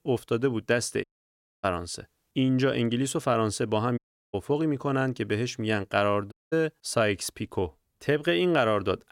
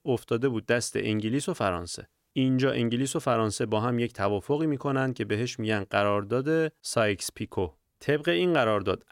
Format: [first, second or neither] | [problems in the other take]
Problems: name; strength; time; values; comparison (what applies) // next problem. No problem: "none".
second | audio cutting out; at 1 s for 0.5 s, at 4 s and at 6.5 s